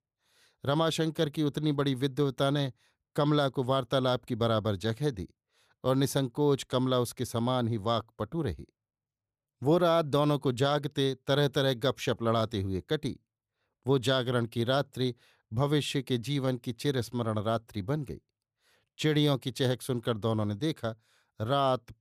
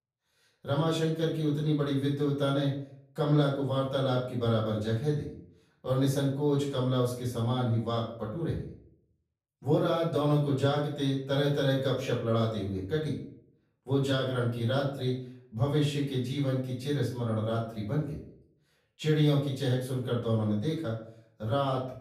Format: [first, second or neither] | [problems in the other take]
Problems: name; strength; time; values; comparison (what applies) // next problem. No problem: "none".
first | off-mic speech; far // room echo; noticeable; dies away in 0.5 s